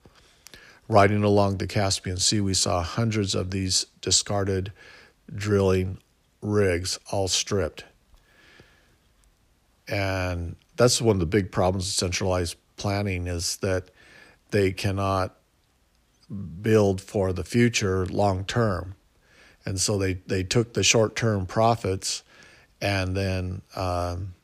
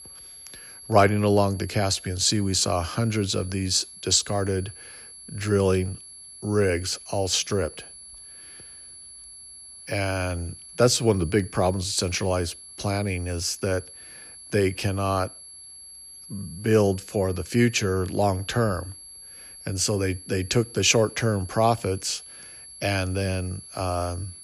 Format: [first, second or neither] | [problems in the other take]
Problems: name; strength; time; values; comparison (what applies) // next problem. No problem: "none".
first | high-pitched whine; noticeable; throughout; 11 kHz, 15 dB below the speech